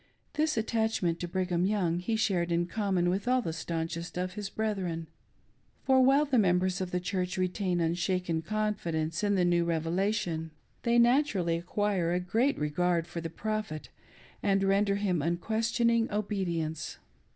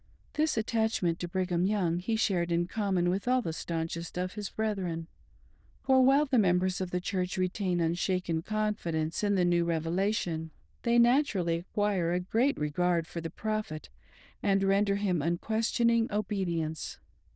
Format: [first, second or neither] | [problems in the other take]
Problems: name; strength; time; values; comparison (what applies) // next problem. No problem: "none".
first | noise reduction (neural diffusion model UNIVERSE++)